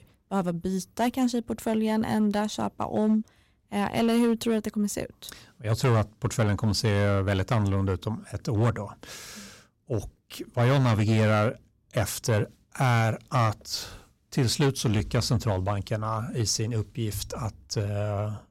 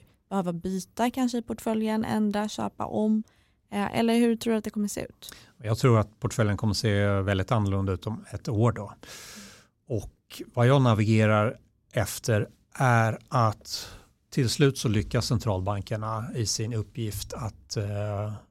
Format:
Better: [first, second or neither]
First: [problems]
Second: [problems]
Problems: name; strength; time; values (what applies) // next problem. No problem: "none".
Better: second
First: distortion; slight; 6% of the sound clipped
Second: none